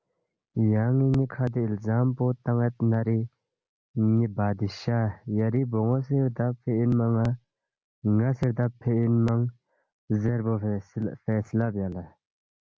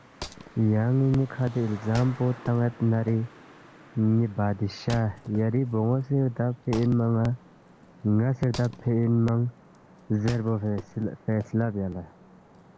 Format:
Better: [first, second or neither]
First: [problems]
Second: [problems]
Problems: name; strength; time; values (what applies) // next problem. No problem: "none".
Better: first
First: none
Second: background sound (Traffic noise, roadway noise + Wood); 19 dB below the speech